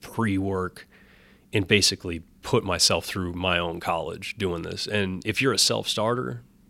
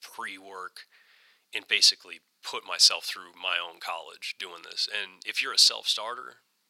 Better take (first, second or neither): first